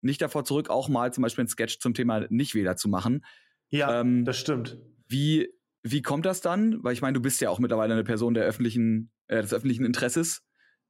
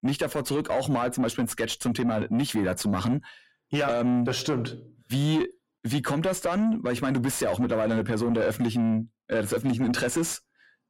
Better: first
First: none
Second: distortion; slight; 10 dB below the speech

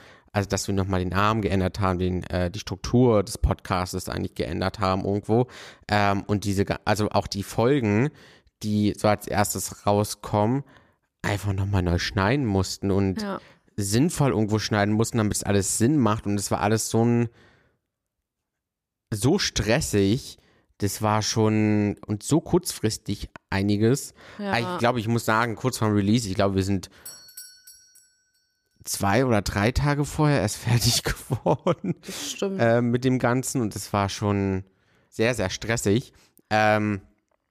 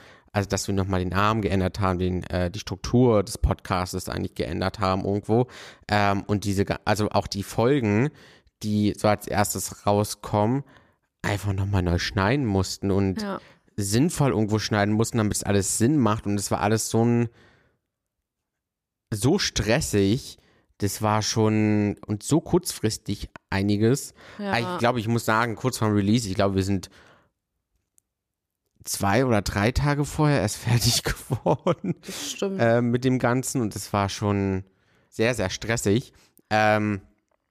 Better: second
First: doorbell; faint; at 27 s; peak 15 dB below the speech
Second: none

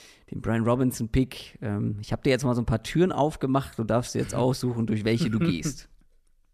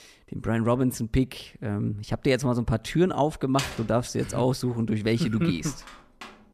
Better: first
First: none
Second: door banging; noticeable; from 3.5 s on; peak 7 dB below the speech

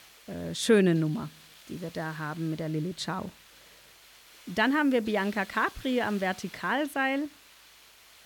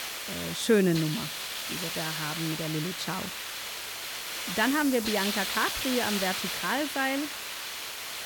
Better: first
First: hiss; faint; throughout; 20 dB below the speech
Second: hiss; loud; throughout; 3 dB below the speech

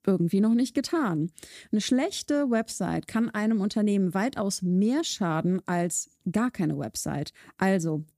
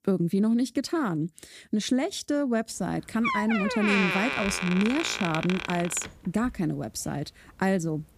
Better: first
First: none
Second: door banging; loud; from 3 to 6.5 s; peak 3 dB above the speech

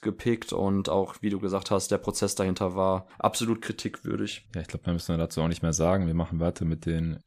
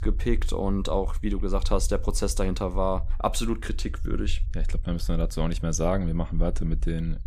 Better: first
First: none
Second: low rumble; faint; throughout; 25 dB below the speech

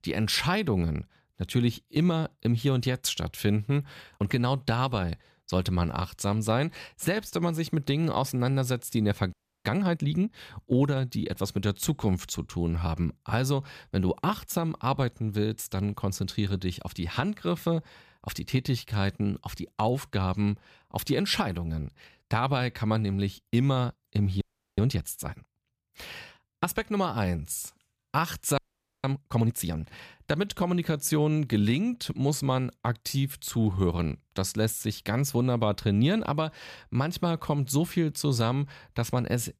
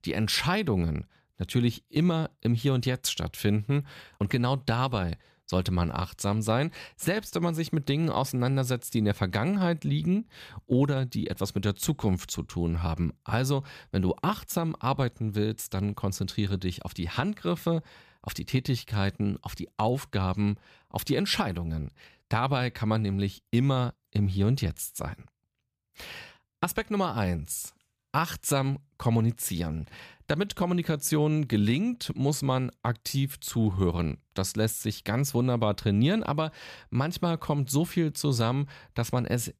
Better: second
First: audio freezing; at 9.5 s, at 24 s and at 29 s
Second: none

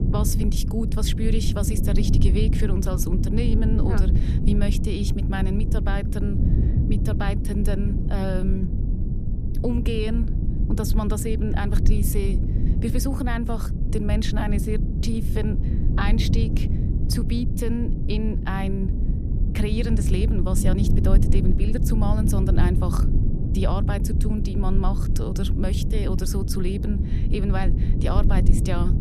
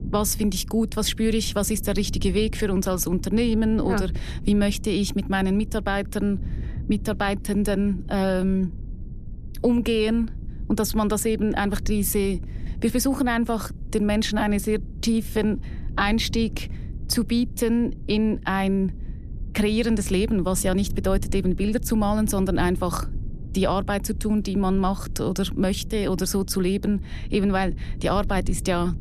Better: second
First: low rumble; loud; throughout; 4 dB below the speech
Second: low rumble; faint; throughout; 20 dB below the speech

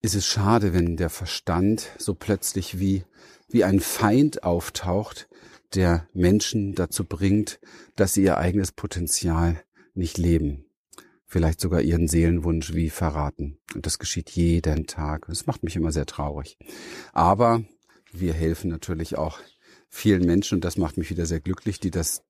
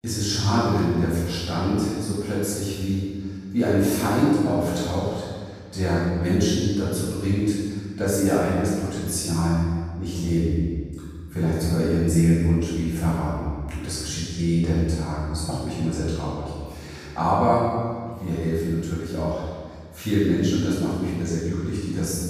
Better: first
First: none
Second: off-mic speech; far // room echo; strong; dies away in 1.5 s

